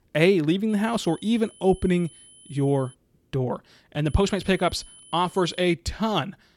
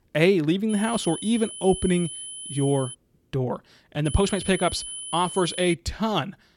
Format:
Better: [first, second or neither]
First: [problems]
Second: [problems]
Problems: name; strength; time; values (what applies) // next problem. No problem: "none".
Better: first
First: high-pitched whine; faint; from 0.5 to 3 s and from 4 to 5.5 s; 10 kHz, 25 dB below the speech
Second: high-pitched whine; loud; from 0.5 to 3 s and from 4 to 5.5 s; 10 kHz, 9 dB below the speech